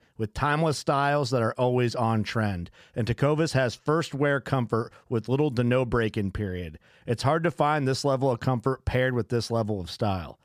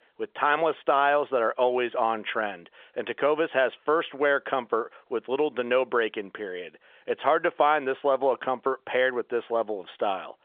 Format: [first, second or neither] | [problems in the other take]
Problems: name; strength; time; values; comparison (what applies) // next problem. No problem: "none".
first | phone-call audio; nothing above 3.5 kHz